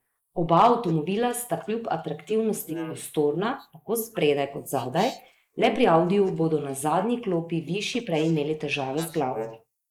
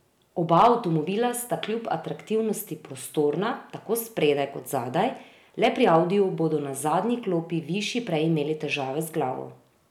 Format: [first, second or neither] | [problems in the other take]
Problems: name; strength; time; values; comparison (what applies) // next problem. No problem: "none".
second | noise reduction (neural mask model Resemble Enhance denoiser)